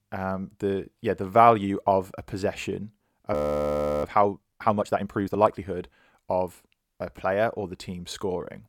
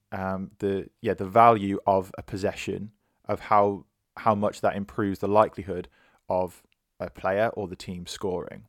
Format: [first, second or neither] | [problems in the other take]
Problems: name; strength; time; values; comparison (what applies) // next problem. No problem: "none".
second | audio freezing; at 3.5 s for 0.5 s